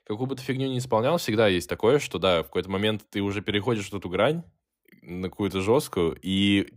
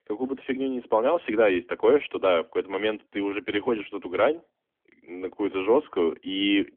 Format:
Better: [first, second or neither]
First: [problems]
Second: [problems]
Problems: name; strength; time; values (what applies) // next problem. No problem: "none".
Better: first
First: none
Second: phone-call audio; nothing above 3.5 kHz